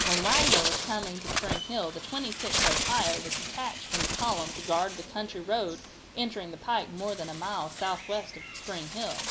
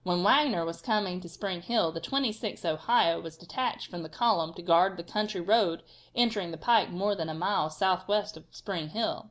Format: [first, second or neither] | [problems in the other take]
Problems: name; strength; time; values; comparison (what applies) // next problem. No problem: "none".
second | background sound (Bird); 1 dB above the speech